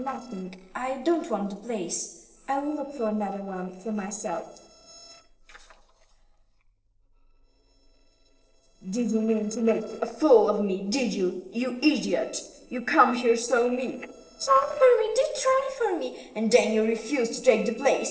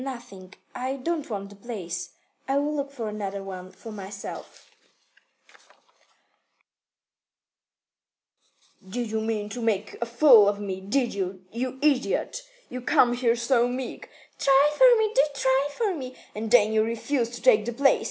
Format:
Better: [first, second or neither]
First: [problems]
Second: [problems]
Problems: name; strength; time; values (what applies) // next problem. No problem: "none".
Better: second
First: noise reduction (neural separator model SepFormer DNS4)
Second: none